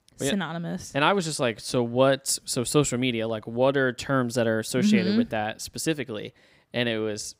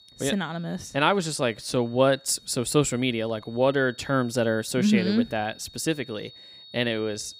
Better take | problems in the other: first | high-pitched whine; faint; throughout; 4 kHz, 25 dB below the speech

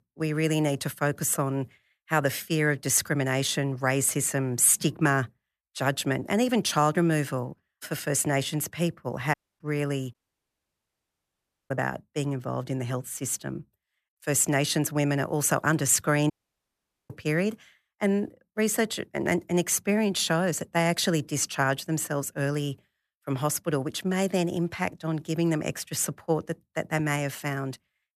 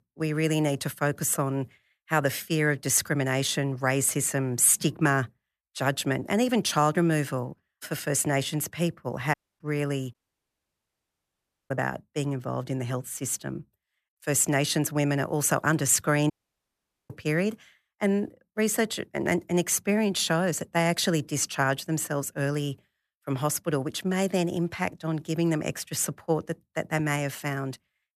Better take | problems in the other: neither | audio cutting out; at 9.5 s, at 10 s for 1.5 s and at 16 s for 1 s; the same in both

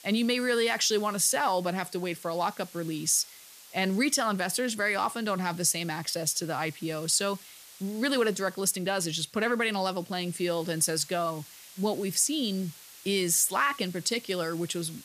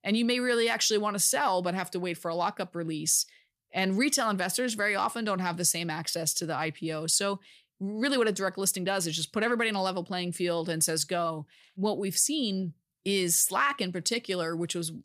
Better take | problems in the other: second | hiss; faint; throughout; 20 dB below the speech

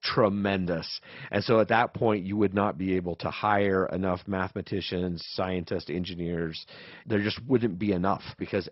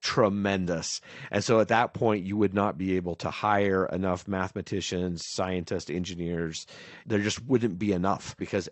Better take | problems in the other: second | garbled, watery; badly; nothing above 5.5 kHz; slightly in the second

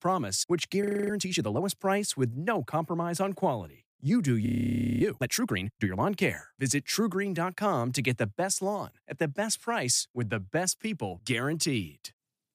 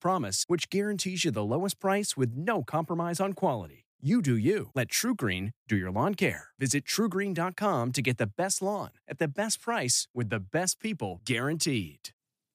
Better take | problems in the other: second | audio freezing; at 1 s and at 4.5 s for 0.5 s

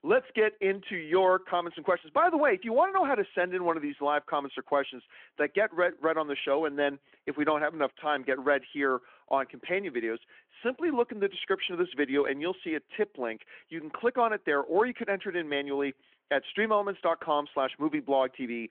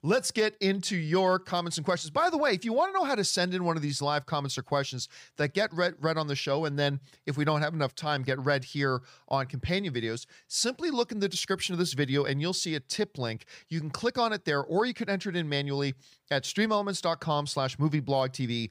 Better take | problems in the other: second | phone-call audio; nothing above 3.5 kHz

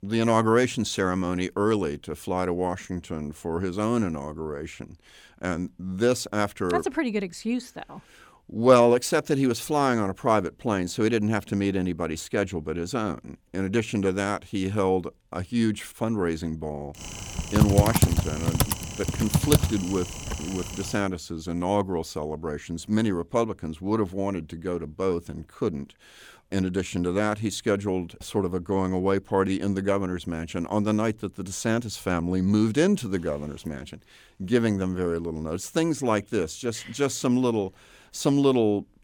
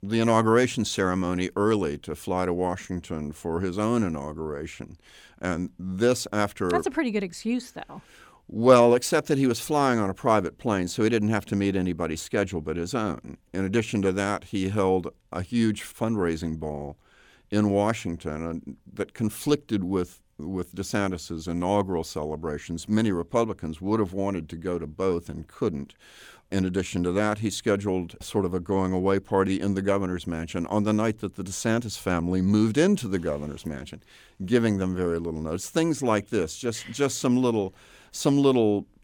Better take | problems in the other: second | keyboard typing; loud; from 17 to 20 s; peak 5 dB above the speech

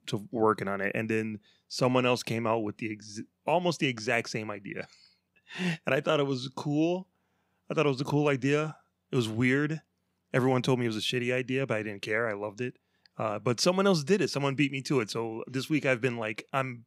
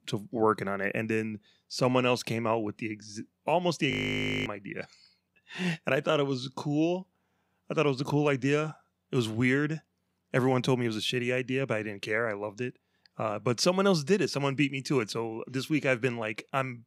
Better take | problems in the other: first | audio freezing; at 4 s for 0.5 s

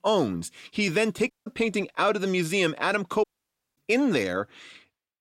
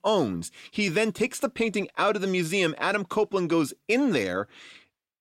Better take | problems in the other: second | audio cutting out; at 1.5 s and at 3 s for 0.5 s

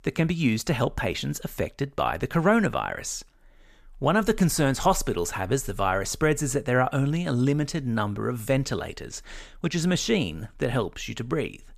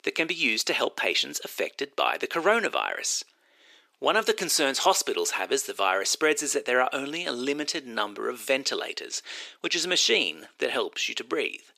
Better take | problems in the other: first | thin; somewhat; fading below 350 Hz

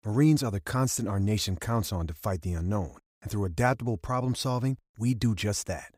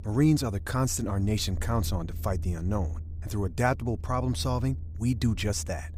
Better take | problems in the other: first | low rumble; faint; throughout; 20 dB below the speech

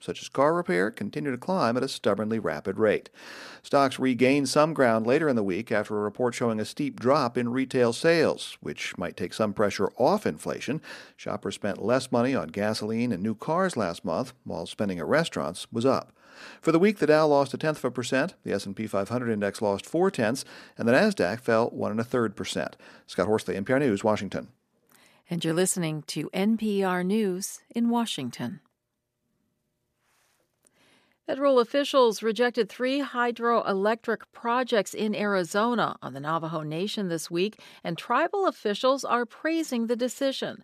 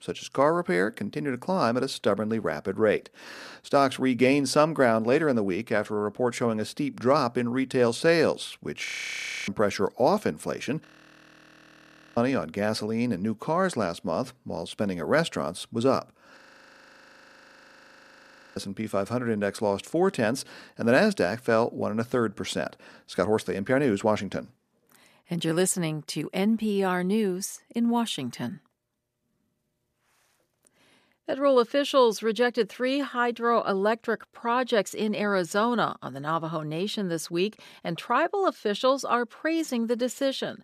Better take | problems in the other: first | audio freezing; at 9 s for 0.5 s, at 11 s for 1.5 s and at 16 s for 2 s

